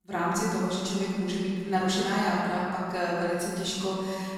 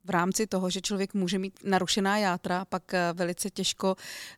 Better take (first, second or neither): second